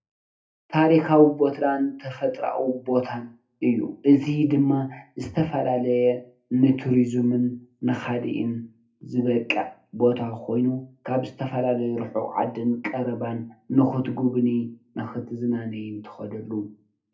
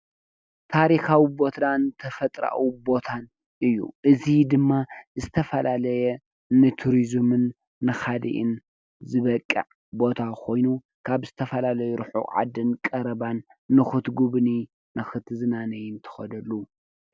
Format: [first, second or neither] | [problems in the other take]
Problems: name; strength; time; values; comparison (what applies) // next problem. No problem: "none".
second | room echo; dies away in 0.3 s